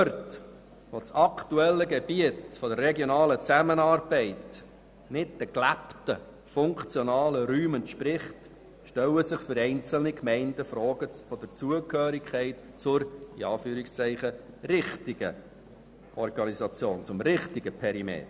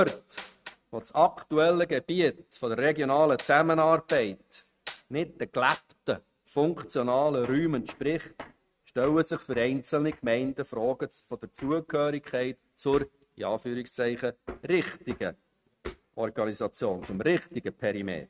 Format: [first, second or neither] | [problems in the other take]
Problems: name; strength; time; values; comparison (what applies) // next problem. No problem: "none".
first | noise reduction (neural mask model RNNoise)